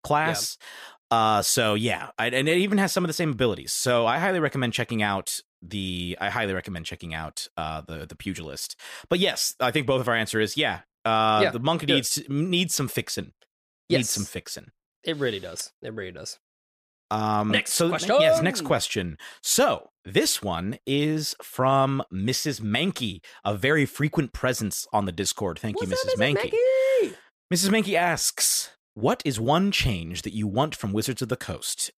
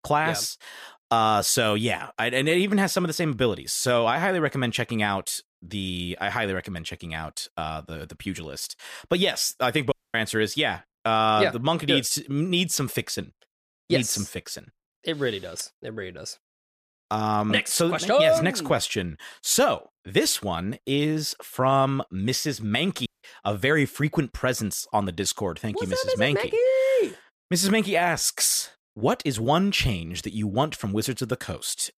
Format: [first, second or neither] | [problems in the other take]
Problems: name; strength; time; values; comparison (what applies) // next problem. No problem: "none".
first | audio cutting out; at 10 s and at 23 s